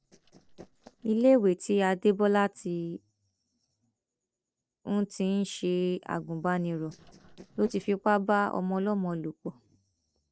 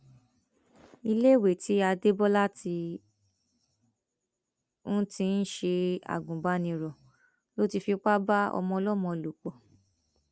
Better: second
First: noise reduction (neural separator model SepFormer DNS4)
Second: none

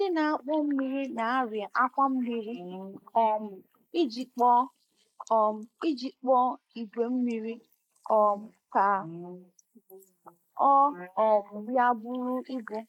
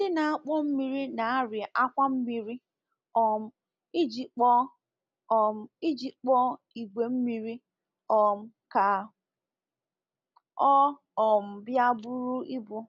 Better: second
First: noise reduction (neural mask model Resemble Enhance denoiser)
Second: none

